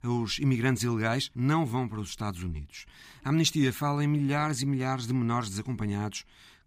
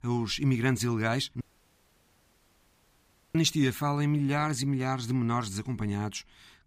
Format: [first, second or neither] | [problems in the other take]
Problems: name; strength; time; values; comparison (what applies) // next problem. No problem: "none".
first | audio cutting out; at 1.5 s for 2 s